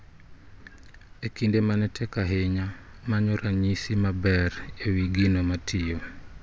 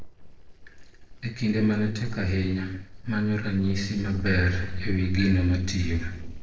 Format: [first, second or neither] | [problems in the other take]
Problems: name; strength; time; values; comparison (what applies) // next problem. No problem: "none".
first | noise reduction (neural separator model SepFormer DNS4)